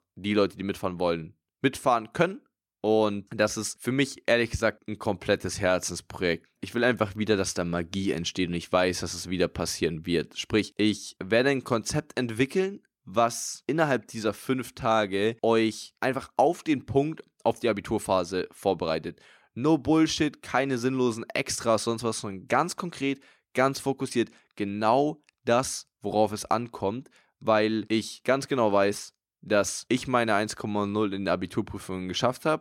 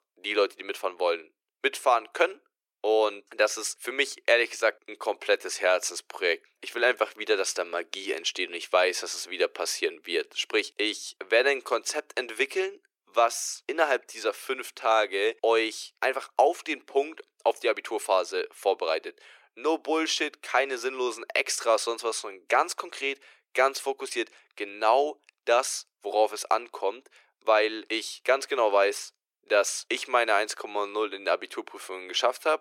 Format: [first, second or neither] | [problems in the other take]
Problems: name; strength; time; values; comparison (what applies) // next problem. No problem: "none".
first | thin; very; fading below 400 Hz